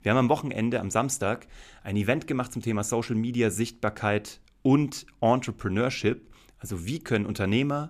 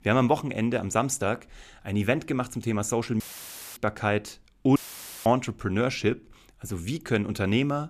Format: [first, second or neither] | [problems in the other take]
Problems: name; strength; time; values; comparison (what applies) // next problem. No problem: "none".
first | audio cutting out; filled with static; at 3 s for 0.5 s and at 5 s for 0.5 s